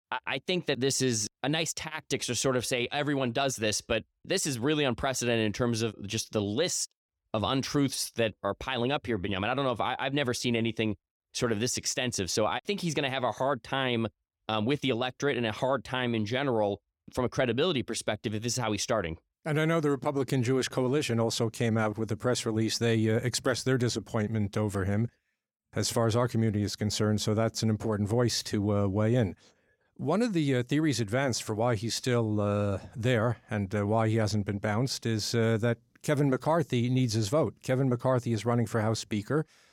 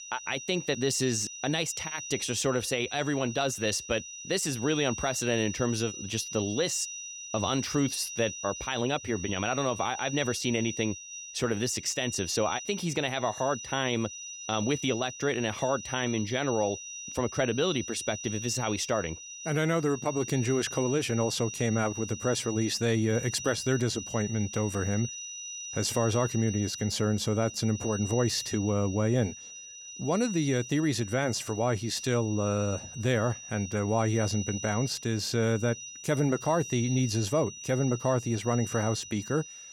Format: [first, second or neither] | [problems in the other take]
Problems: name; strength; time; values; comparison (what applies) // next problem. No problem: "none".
first | high-pitched whine; loud; throughout; 6 kHz, 9 dB below the speech